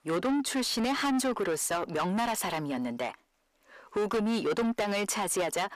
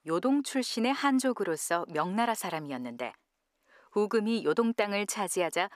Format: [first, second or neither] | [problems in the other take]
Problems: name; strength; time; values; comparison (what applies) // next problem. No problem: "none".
second | distortion; heavy; 7 dB below the speech